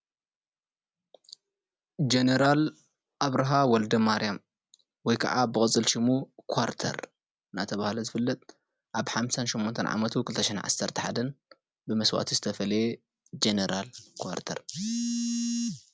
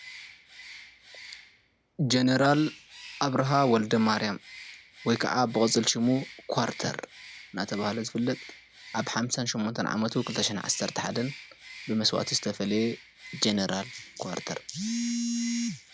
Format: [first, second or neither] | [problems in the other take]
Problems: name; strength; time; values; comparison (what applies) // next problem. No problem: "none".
first | background sound (Bird); 18 dB below the speech